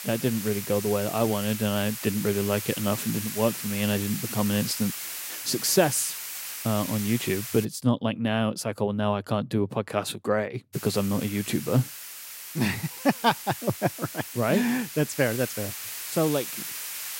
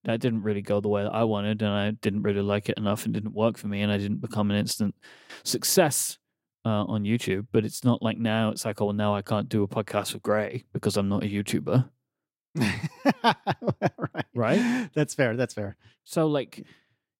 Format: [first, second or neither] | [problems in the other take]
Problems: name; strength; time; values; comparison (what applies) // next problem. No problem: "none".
second | hiss; loud; until 7.5 s and from 11 s on; 7 dB below the speech